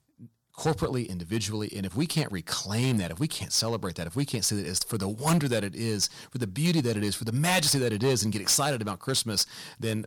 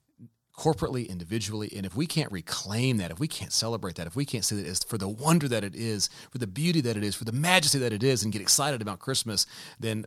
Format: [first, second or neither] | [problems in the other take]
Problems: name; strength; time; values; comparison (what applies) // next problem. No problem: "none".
second | distortion; slight; 4% of the sound clipped